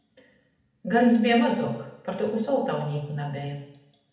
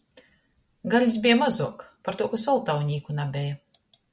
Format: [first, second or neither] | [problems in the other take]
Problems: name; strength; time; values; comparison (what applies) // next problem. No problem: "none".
second | room echo; dies away in 0.8 s